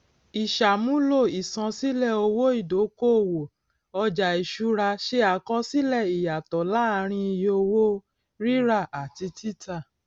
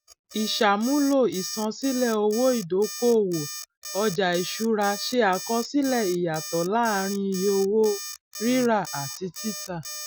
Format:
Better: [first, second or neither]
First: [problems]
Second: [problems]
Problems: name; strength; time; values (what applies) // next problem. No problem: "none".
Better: first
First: none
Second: noise reduction (classical method Wiener filter)